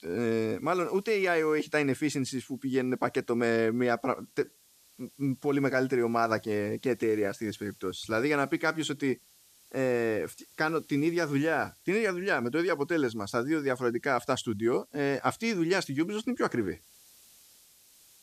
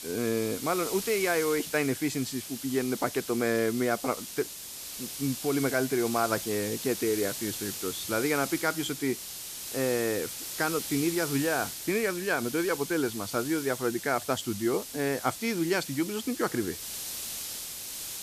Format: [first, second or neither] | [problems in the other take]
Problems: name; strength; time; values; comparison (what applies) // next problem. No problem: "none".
first | hiss; loud; throughout; 6 dB below the speech; faint in the first